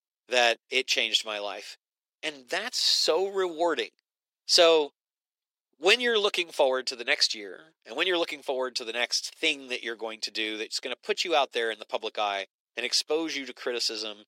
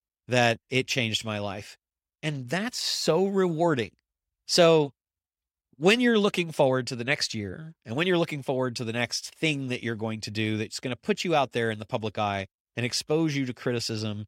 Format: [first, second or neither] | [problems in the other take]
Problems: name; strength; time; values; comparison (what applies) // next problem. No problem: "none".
second | thin; very; fading below 350 Hz